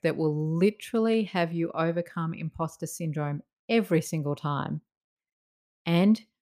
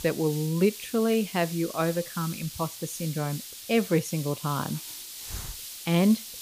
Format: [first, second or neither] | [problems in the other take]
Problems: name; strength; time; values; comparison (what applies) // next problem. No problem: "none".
first | hiss; noticeable; throughout; 10 dB below the speech